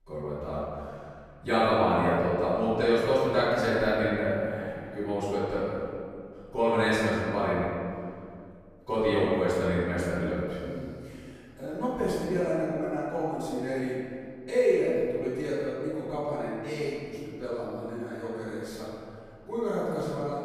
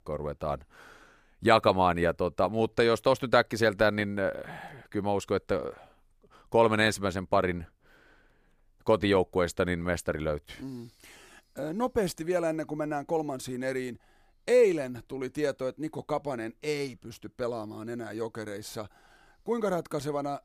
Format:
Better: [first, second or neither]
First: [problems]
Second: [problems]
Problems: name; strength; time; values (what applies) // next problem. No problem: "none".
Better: second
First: room echo; strong; dies away in 2.1 s // off-mic speech; far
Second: none